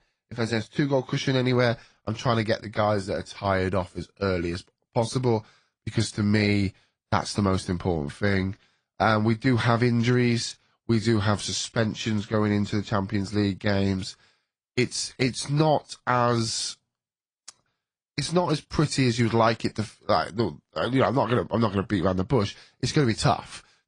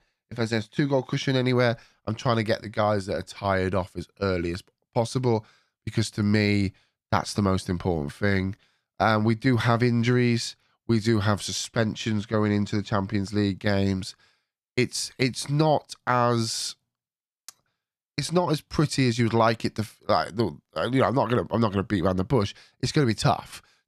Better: second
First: garbled, watery; slightly; nothing above 9 kHz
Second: none

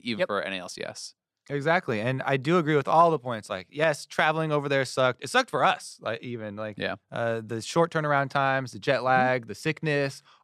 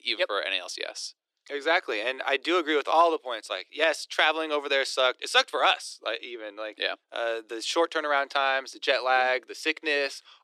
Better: first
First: none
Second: thin; very; fading below 300 Hz

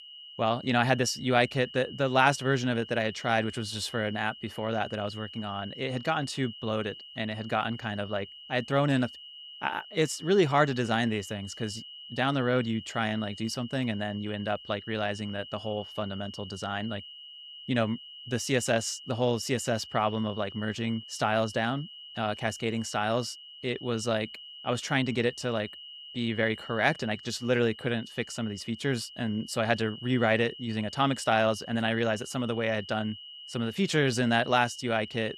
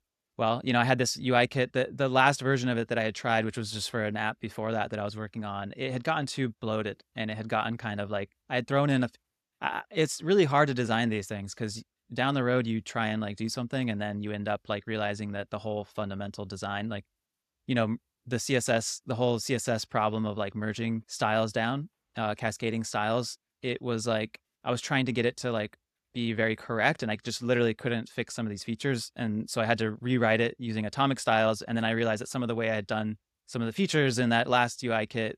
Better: second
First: high-pitched whine; noticeable; throughout; 3 kHz, 15 dB below the speech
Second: none

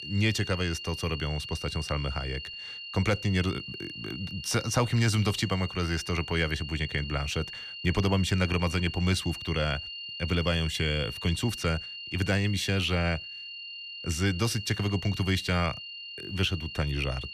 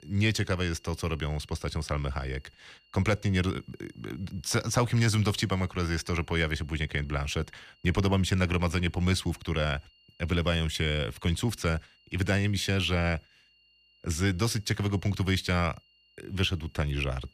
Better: second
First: high-pitched whine; loud; throughout; 3 kHz, 9 dB below the speech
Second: high-pitched whine; faint; throughout; 3 kHz, 30 dB below the speech

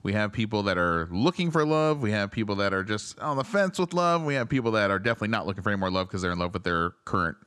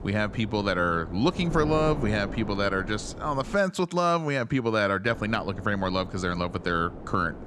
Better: first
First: none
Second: wind noise on the microphone; occasional gusts; until 3.5 s and from 5 s on; 15 dB below the speech

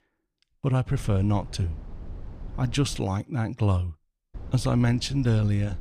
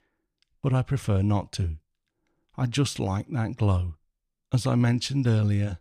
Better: second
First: low rumble; faint; from 1 to 3 s and from 4.5 s on; 20 dB below the speech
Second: none

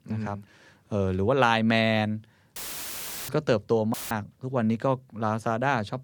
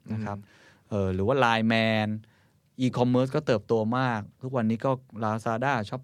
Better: second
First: audio cutting out; filled with static; at 2.5 s for 0.5 s and at 4 s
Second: none

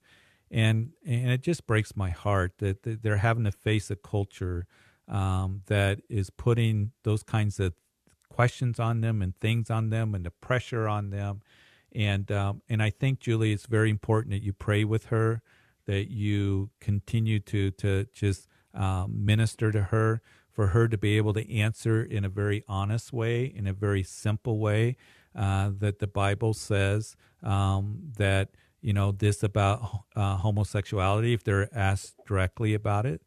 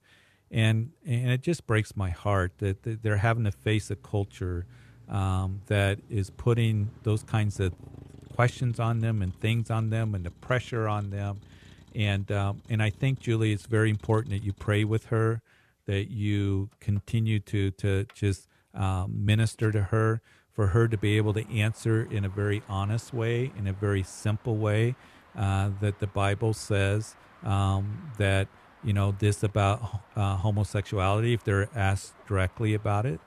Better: first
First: none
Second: traffic noise; faint; throughout; 25 dB below the speech

